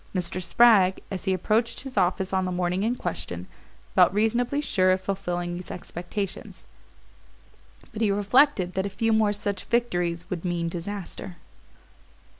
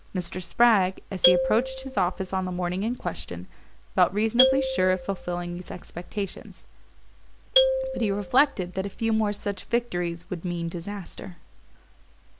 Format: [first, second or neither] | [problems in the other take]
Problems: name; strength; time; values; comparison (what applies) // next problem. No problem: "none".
first | background sound (Marimba, xylophone); 1 dB below the speech